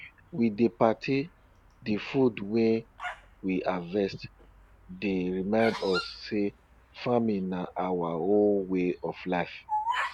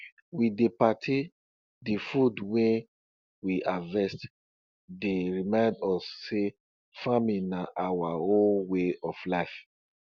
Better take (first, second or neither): second